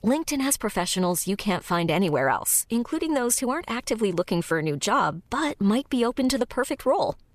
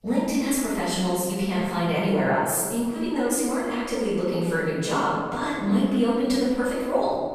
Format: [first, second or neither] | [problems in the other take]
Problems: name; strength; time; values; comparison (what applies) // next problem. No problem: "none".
first | off-mic speech; far // room echo; strong; dies away in 1.5 s